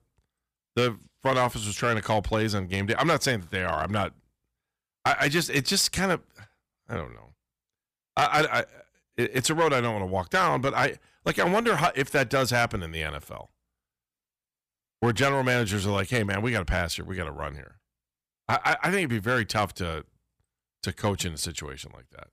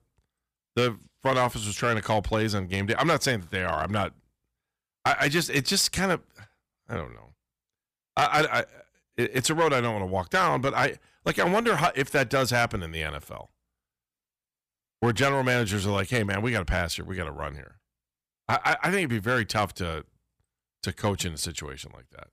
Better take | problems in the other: neither | distortion; slight; 3% of the sound clipped; the same in both

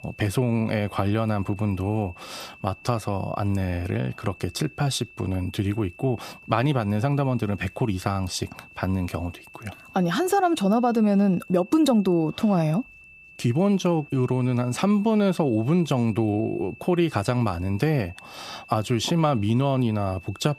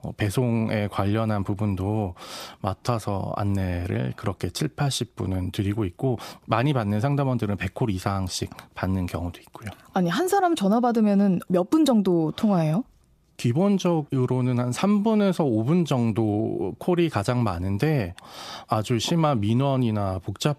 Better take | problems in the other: second | high-pitched whine; faint; throughout; 2.5 kHz, 20 dB below the speech

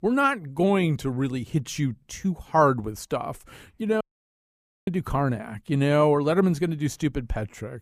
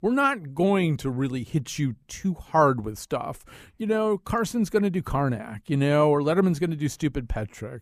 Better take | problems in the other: second | audio cutting out; at 4 s for 1 s

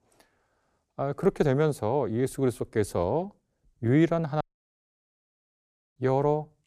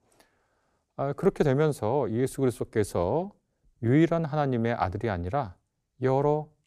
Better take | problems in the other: second | audio cutting out; at 4.5 s for 1.5 s

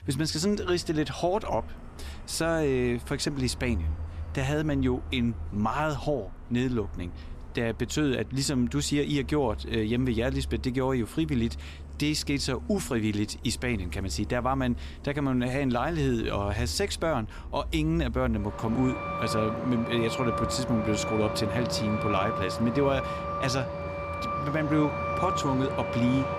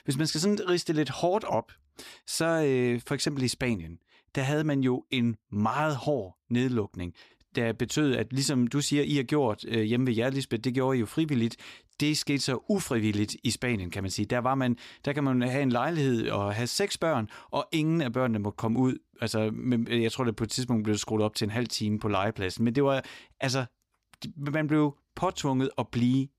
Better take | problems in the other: second | traffic noise; loud; throughout; 7 dB below the speech

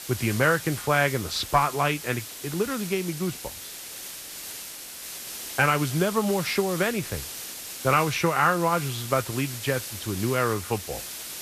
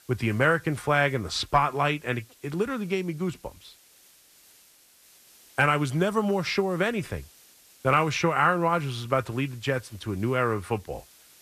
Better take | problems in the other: second | hiss; loud; throughout; 10 dB below the speech; faint in the second

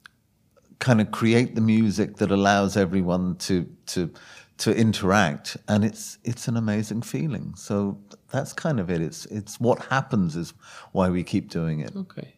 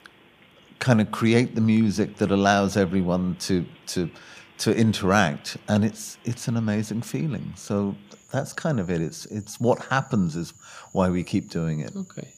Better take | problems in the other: first | animal sounds; faint; throughout; 25 dB below the speech

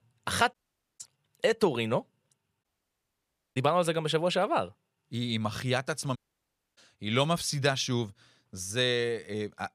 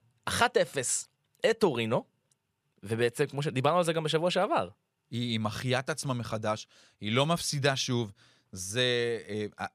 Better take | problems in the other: second | audio cutting out; at 0.5 s, at 2.5 s for 1 s and at 6 s for 0.5 s

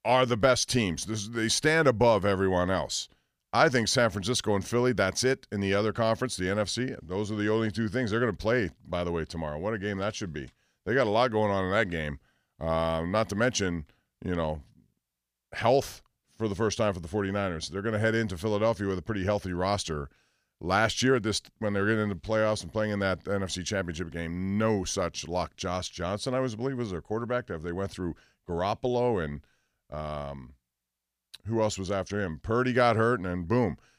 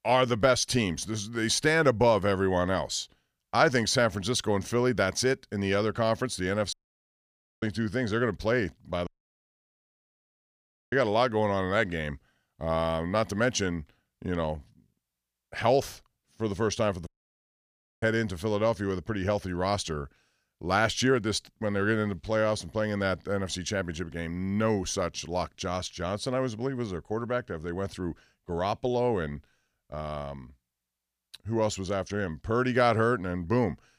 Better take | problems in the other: first | audio cutting out; at 6.5 s for 1 s, at 9 s for 2 s and at 17 s for 1 s

